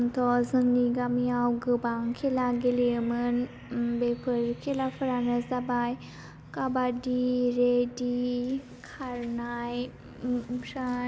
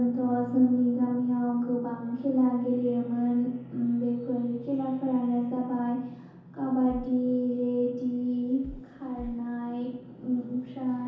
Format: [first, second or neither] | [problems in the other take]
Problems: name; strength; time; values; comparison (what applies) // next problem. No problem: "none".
first | background sound (Bass drum); 17 dB below the speech // room echo; dies away in 0.8 s